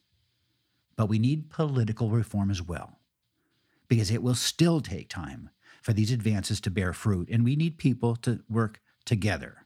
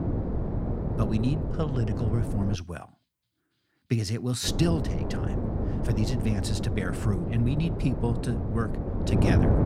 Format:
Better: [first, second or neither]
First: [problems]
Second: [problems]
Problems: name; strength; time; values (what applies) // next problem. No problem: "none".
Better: first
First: none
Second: wind noise on the microphone; heavy; until 2.5 s and from 4.5 s on; 1 dB below the speech